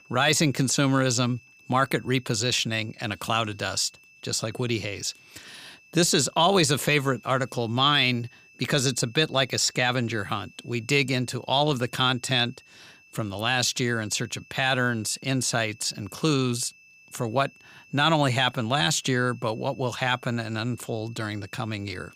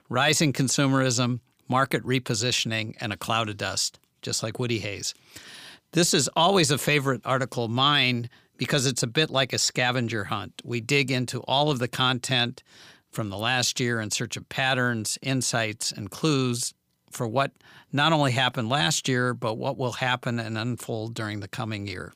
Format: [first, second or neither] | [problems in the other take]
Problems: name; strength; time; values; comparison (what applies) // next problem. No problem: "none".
second | high-pitched whine; faint; throughout; 2.5 kHz, 25 dB below the speech